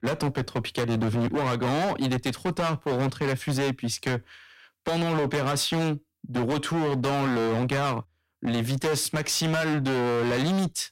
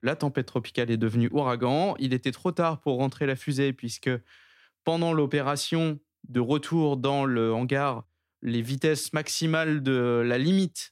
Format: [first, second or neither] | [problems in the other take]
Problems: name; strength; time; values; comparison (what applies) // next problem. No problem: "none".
second | distortion; heavy; 28% of the sound clipped